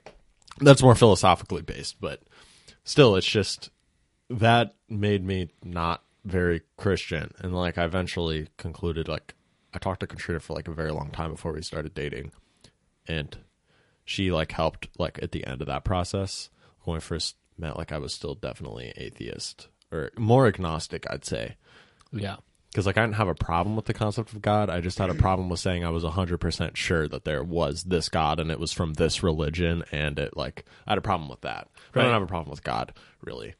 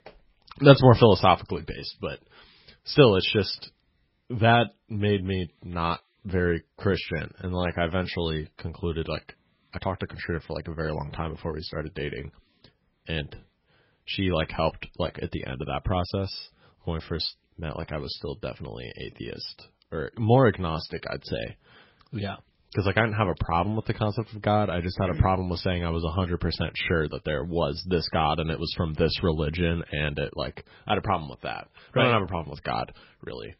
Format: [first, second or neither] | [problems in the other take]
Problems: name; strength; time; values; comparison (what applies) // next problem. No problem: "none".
first | garbled, watery; badly; nothing above 5.5 kHz; slightly in the first